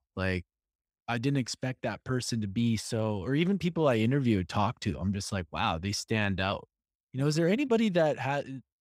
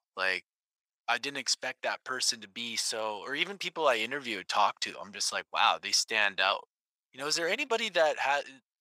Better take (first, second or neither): first